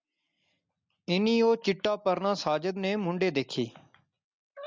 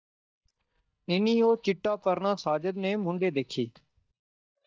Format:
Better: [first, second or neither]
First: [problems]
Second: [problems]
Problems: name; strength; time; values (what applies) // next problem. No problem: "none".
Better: first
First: none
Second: noise reduction (neural mask model DeepFilterNet 3)